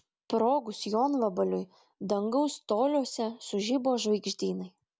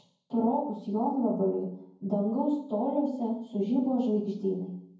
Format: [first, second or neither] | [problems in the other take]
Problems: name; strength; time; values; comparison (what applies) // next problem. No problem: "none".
first | room echo; dies away in 0.9 s